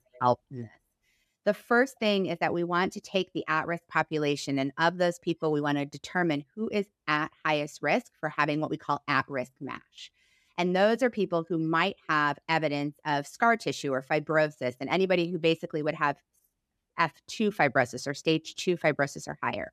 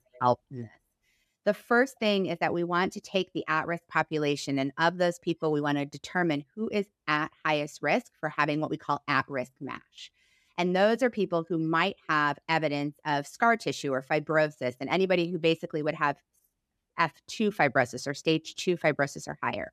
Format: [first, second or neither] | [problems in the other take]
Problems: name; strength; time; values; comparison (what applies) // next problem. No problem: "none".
neither | none